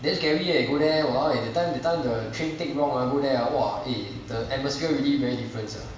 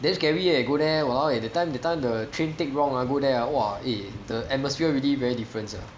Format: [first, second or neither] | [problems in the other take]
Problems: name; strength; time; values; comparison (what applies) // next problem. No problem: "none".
second | room echo; dies away in 0.8 s